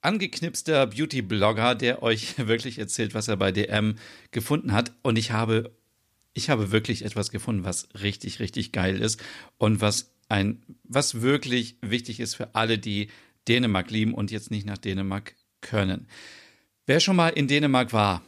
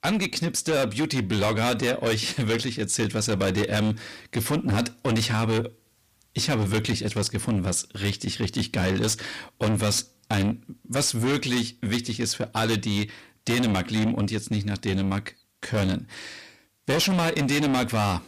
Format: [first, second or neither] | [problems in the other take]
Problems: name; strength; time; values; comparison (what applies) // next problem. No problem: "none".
first | distortion; heavy; 6 dB below the speech